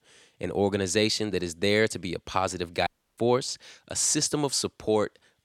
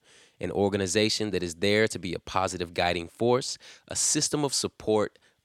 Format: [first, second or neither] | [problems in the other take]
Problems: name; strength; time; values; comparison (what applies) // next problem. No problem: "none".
second | audio cutting out; at 3 s